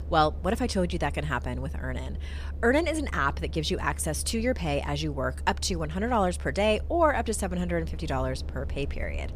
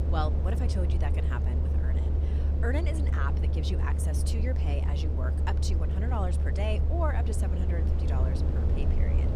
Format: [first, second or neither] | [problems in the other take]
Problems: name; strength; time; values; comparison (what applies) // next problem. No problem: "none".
first | low rumble; loud; throughout; 4 dB below the speech; faint in the first